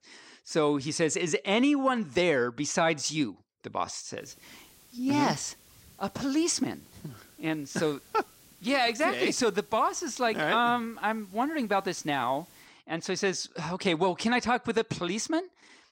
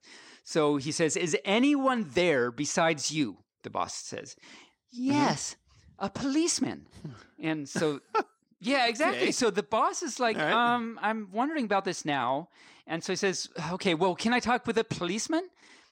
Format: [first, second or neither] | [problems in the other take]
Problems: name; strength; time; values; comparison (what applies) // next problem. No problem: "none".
second | hiss; faint; from 4 to 13 s; 25 dB below the speech